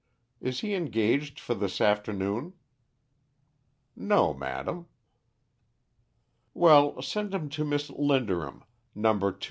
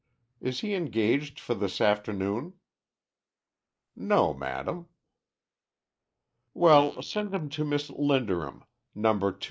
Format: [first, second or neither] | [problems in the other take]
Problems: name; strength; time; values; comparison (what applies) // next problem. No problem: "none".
first | noise reduction (neural mask model Resemble Enhance denoiser)